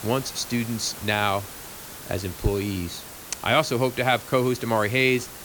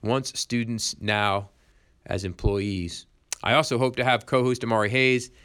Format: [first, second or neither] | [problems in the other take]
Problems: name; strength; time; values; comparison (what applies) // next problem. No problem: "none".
second | hiss; noticeable; throughout; 15 dB below the speech